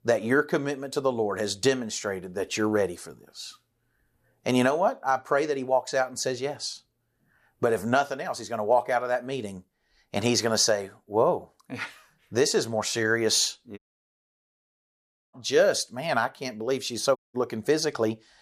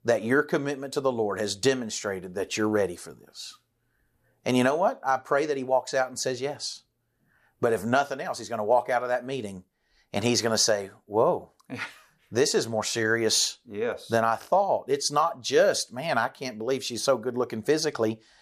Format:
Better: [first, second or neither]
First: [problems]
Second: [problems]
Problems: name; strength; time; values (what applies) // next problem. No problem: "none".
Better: second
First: audio cutting out; at 14 s for 1.5 s and at 17 s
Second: none